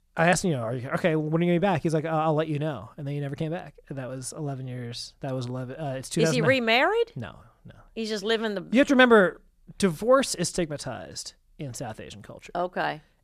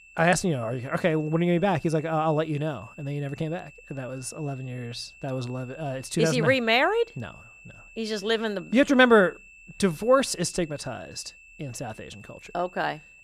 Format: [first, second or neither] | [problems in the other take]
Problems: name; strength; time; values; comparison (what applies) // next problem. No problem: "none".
first | high-pitched whine; faint; throughout; 2.5 kHz, 25 dB below the speech